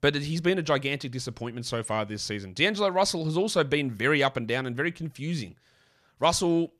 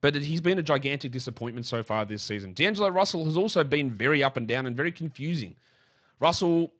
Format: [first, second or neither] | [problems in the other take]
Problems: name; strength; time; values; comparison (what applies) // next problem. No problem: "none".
first | garbled, watery; slightly